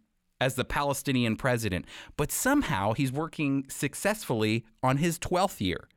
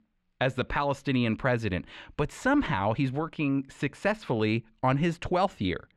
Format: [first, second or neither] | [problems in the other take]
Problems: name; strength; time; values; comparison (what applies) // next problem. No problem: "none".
first | muffled; slightly; fading above 3.5 kHz